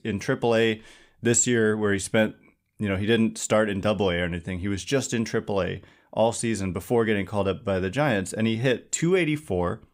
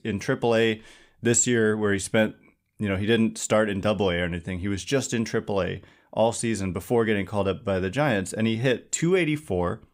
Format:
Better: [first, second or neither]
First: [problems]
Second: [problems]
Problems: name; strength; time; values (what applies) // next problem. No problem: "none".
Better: neither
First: none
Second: none